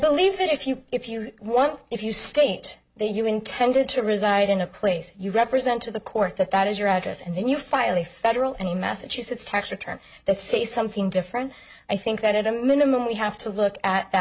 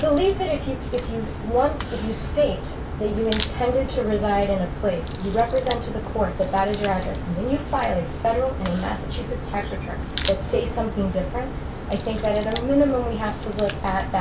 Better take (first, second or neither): first